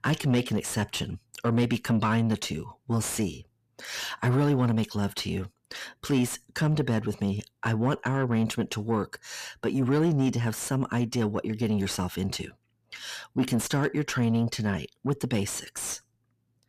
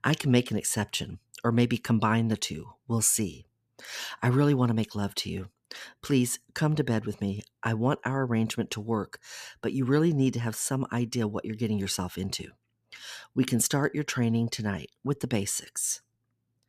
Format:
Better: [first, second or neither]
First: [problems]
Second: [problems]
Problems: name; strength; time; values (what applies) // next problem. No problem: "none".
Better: second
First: distortion; slight; 10 dB below the speech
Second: none